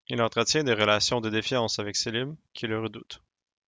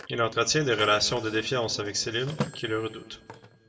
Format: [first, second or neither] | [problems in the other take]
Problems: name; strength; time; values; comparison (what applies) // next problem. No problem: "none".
first | background sound (Telephone); 14 dB below the speech // room echo; dies away in 1.2 s